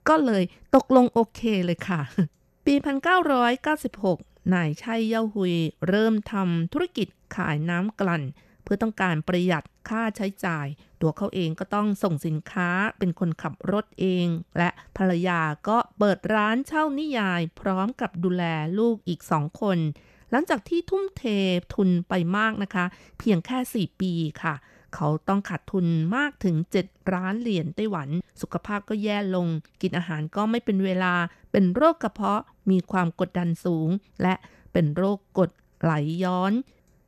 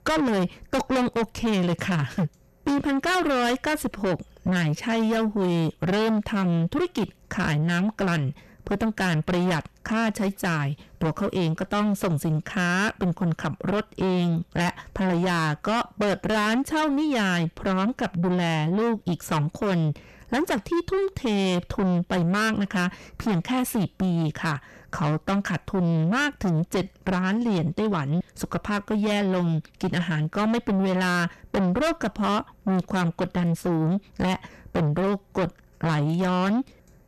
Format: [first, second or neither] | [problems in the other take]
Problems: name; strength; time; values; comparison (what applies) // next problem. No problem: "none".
first | distortion; heavy; 5 dB below the speech